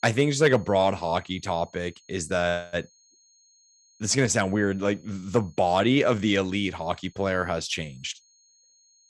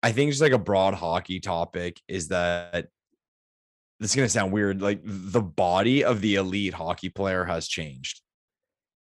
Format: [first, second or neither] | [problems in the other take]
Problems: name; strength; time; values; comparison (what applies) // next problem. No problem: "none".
second | high-pitched whine; faint; throughout; 6.5 kHz, 30 dB below the speech